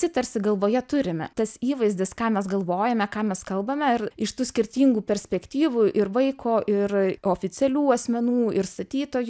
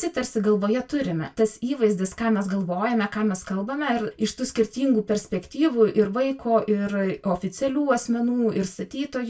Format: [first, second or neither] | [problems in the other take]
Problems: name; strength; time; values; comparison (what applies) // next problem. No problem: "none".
first | room echo; dies away in 0.1 s